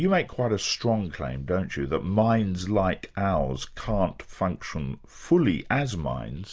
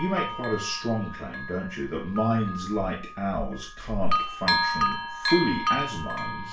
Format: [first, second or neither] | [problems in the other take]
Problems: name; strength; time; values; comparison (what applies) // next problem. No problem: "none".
first | background sound (Bell); 3 dB below the speech // room echo; dies away in 0.3 s